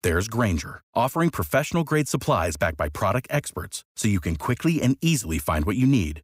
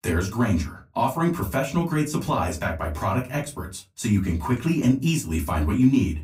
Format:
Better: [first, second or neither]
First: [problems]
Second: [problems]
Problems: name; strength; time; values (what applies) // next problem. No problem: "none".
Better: first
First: none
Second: off-mic speech; far // room echo; very slight; dies away in 0.2 s